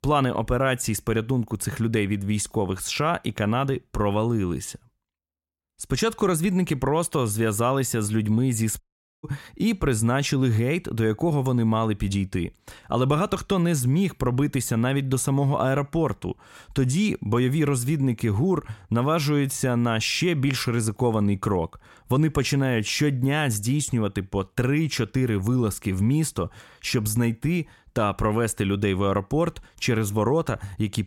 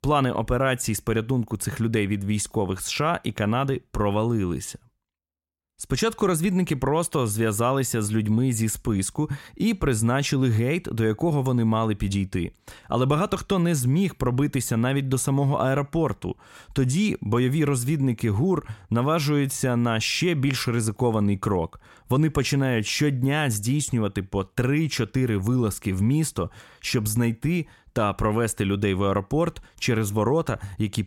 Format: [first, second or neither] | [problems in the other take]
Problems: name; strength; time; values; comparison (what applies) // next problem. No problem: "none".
second | audio cutting out; at 9 s